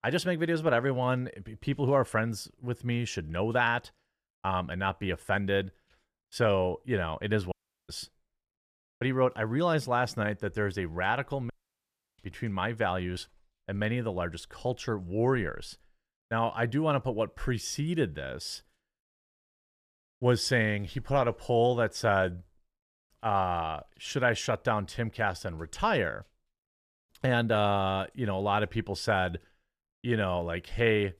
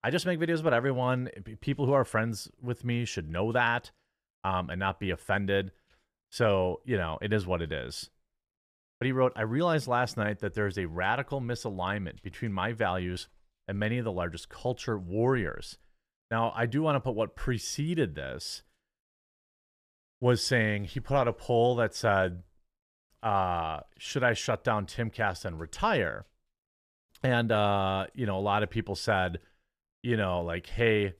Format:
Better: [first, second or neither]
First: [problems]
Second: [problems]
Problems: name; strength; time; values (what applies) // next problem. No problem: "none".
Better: second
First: audio cutting out; at 7.5 s and at 12 s for 0.5 s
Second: none